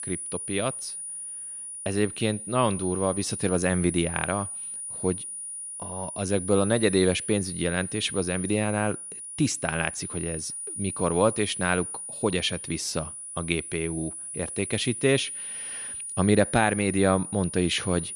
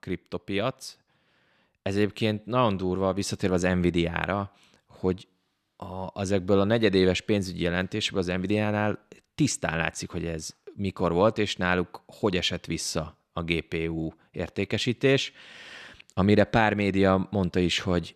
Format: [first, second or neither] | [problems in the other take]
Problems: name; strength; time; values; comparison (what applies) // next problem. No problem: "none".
second | high-pitched whine; loud; throughout; 9.5 kHz, 7 dB below the speech